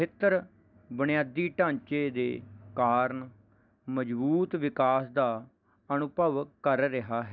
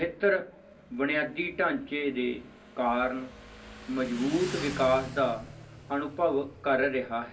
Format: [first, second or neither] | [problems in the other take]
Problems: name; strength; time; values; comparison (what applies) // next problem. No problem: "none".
first | background sound (Motorcycle); 15 dB below the speech // room echo; dies away in 0.3 s